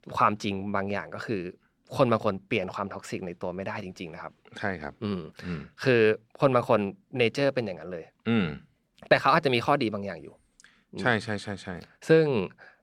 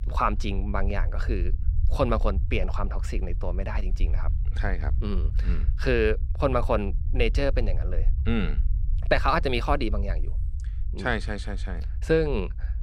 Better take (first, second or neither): first